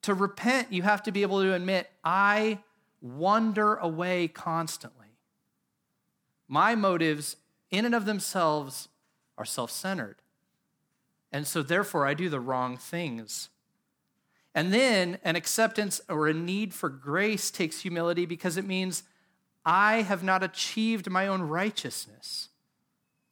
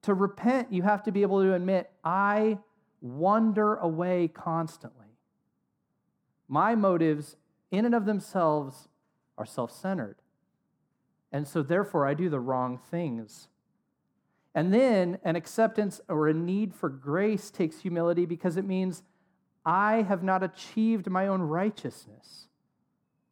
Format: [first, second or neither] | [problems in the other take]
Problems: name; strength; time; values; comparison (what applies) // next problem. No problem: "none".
first | muffled; slightly; fading above 1.5 kHz